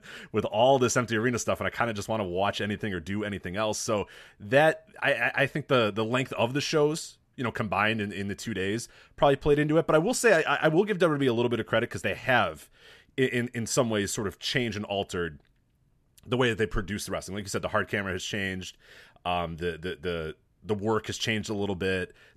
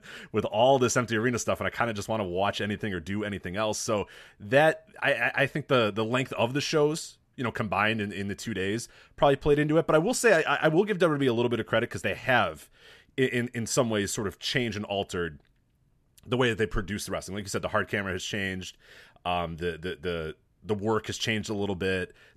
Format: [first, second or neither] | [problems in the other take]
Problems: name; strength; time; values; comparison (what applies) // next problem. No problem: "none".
neither | none